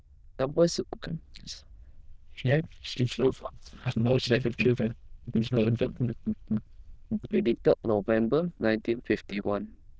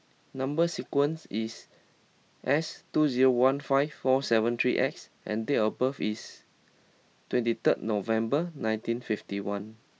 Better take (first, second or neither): second